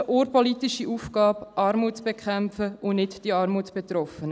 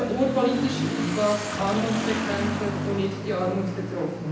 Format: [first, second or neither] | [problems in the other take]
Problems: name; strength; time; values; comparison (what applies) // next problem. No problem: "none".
first | background sound (Motorcycle / Accelerating, revving, vroom); 2 dB below the speech // room echo; dies away in 0.9 s